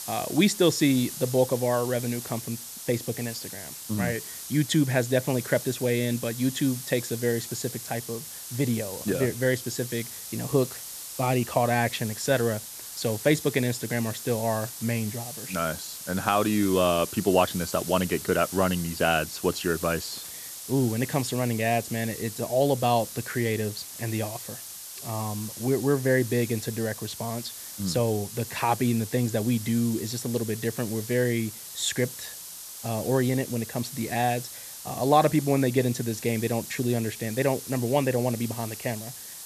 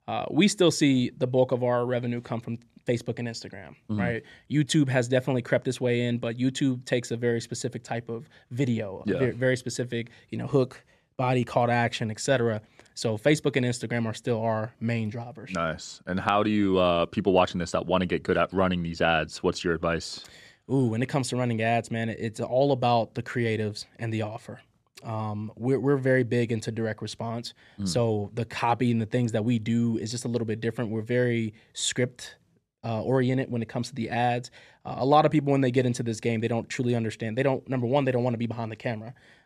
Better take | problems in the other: second | hiss; loud; throughout; 10 dB below the speech

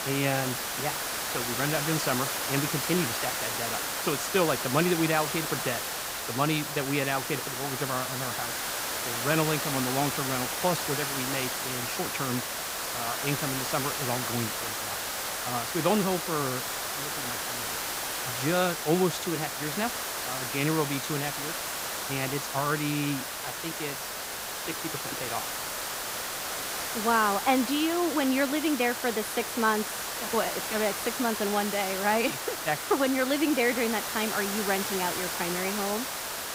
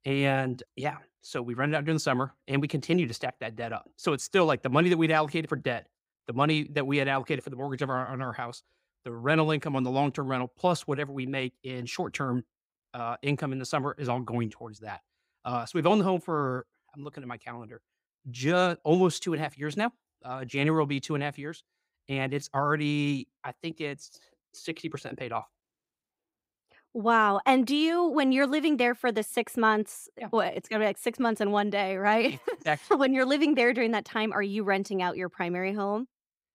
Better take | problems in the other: second | hiss; loud; throughout; 1 dB below the speech

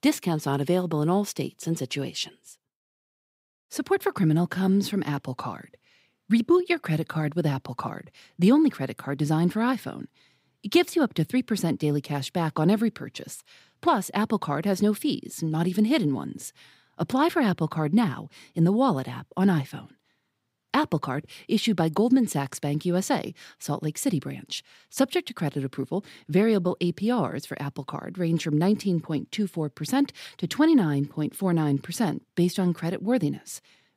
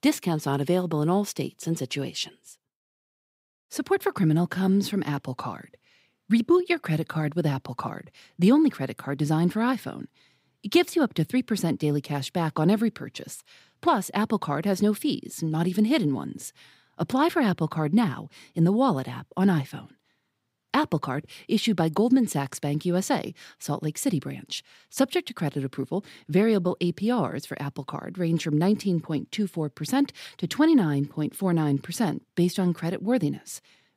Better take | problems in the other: neither | none

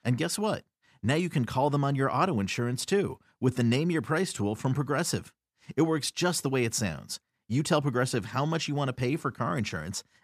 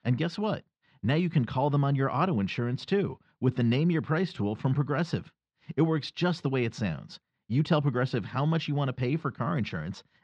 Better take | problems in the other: first | muffled; slightly; fading above 4 kHz

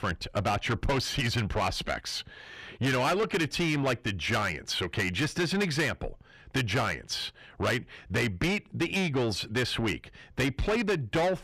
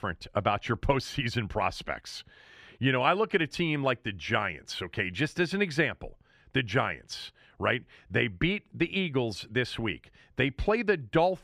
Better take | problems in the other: second | distortion; heavy; 6 dB below the speech

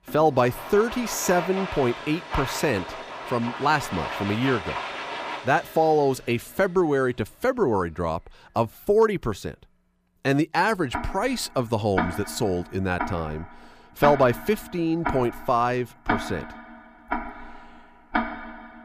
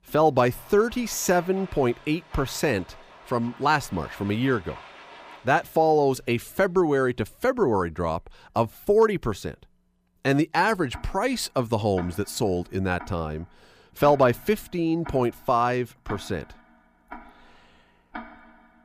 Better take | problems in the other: second | household noises; loud; throughout; 8 dB below the speech; faint in the second

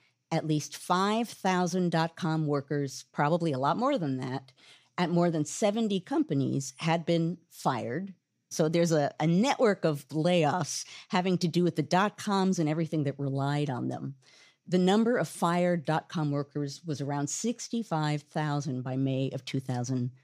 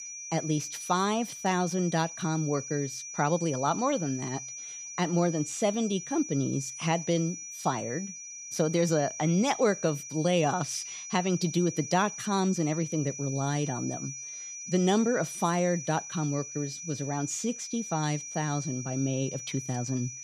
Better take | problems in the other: first | high-pitched whine; loud; throughout; 6 kHz, 9 dB below the speech

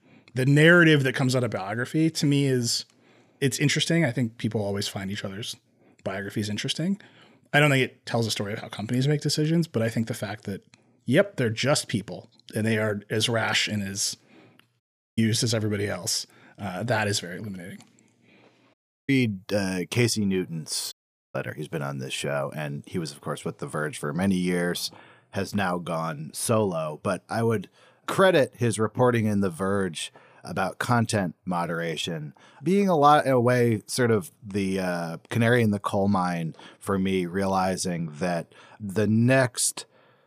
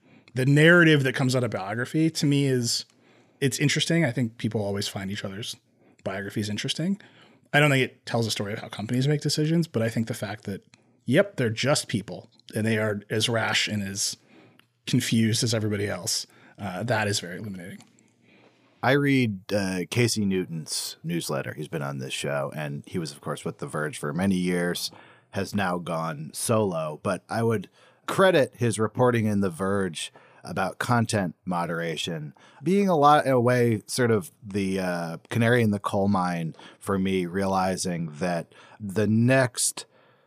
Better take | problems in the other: second | audio cutting out; at 15 s, at 19 s and at 21 s

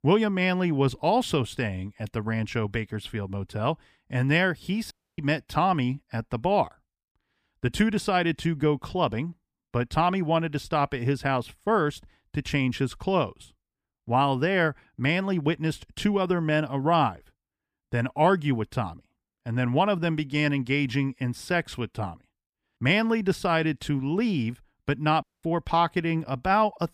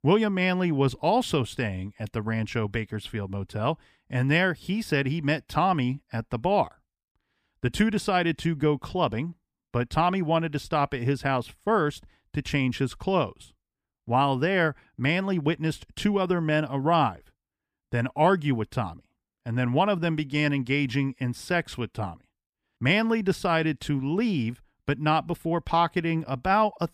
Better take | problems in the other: second | audio cutting out; at 5 s and at 25 s

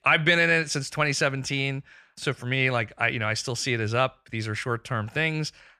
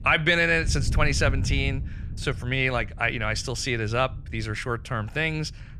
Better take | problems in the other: first | wind noise on the microphone; occasional gusts; 20 dB below the speech

